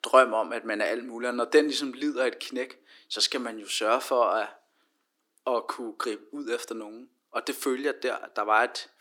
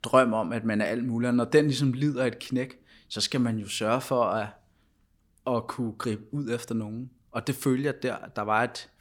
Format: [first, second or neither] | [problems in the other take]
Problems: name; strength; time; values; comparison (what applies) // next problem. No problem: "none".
second | thin; somewhat; fading below 300 Hz